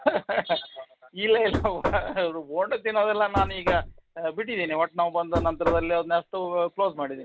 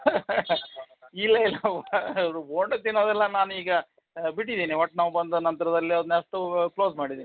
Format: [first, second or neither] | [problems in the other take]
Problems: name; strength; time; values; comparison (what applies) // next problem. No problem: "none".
second | background sound (Knock); 5 dB below the speech